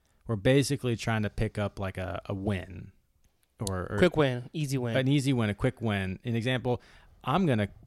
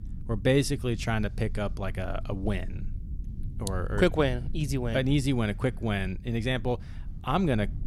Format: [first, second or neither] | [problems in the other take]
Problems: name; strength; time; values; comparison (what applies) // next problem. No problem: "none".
first | low rumble; faint; throughout; 20 dB below the speech